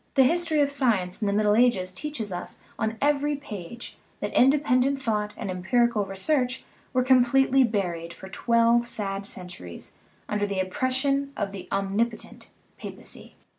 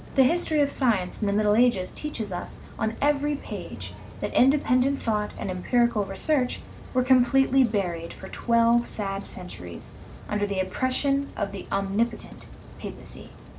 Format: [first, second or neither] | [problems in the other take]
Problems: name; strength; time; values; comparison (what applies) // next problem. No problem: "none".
first | background sound (Rain); 15 dB below the speech